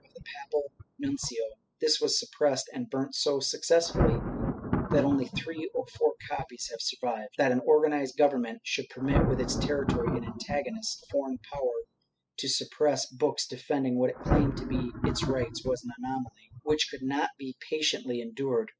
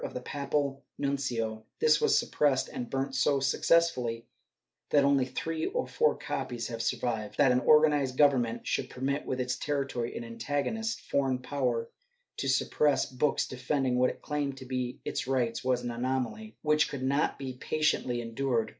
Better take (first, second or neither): second